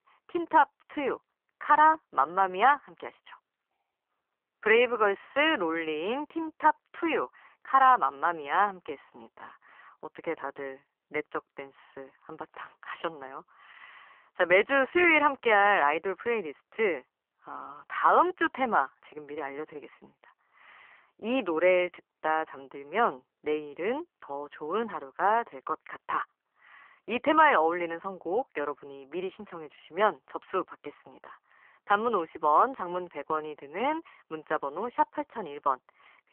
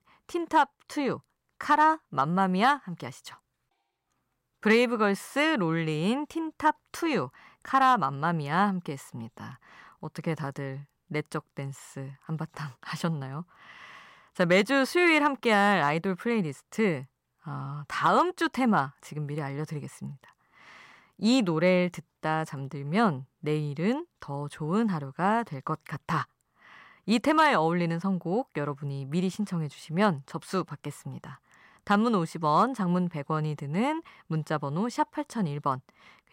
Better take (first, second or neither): second